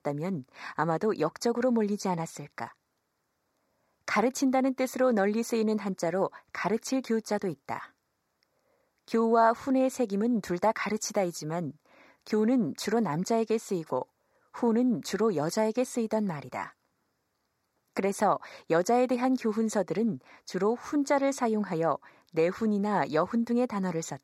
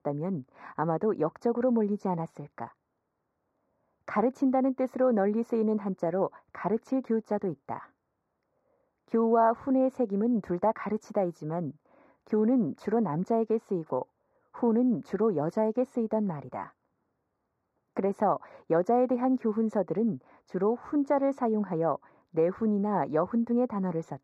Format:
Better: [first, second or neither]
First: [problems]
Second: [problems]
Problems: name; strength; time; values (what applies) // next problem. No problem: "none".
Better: first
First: none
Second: muffled; very; fading above 2 kHz